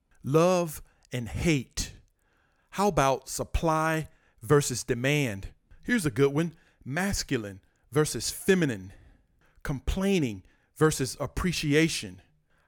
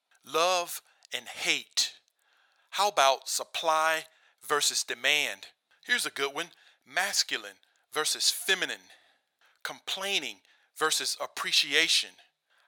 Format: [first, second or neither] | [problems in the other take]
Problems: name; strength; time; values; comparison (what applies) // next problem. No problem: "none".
first | thin; very; fading below 900 Hz